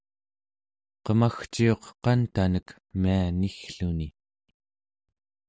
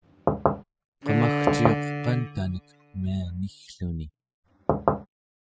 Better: first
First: none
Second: noise reduction (classical method spectral subtraction)

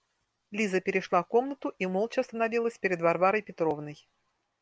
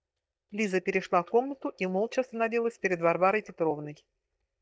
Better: first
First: none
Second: noise reduction (neural mask model DeepFilterNet 3)

